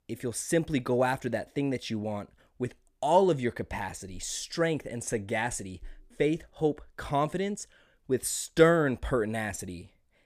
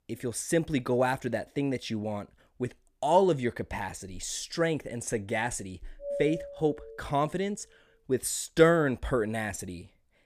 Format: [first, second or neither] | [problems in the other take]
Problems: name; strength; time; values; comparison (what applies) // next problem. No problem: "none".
first | doorbell; noticeable; at 6 s; peak 6 dB below the speech